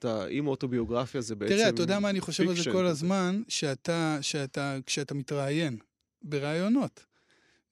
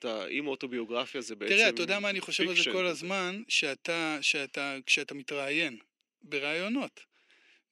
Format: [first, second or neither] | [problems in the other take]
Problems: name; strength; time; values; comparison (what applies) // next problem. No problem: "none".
first | thin; very slightly; fading below 250 Hz